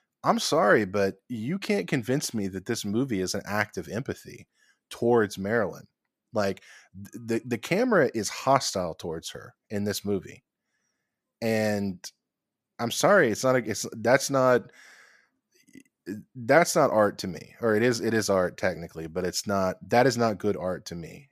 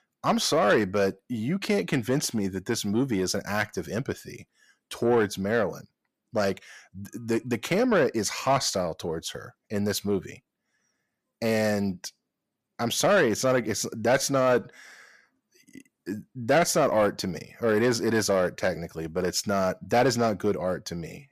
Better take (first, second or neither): first